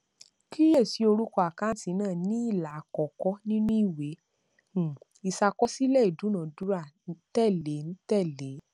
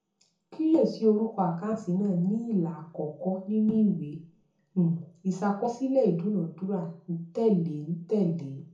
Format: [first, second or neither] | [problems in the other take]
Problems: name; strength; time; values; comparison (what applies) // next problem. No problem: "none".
first | room echo; dies away in 0.6 s